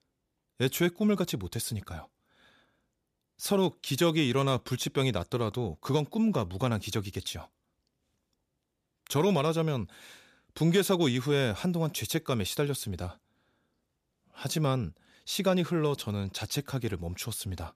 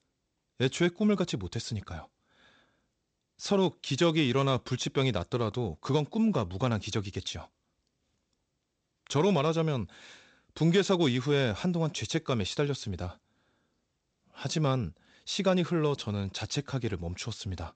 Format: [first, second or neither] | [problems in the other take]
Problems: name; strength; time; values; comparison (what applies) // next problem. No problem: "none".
first | garbled, watery; slightly; nothing above 8 kHz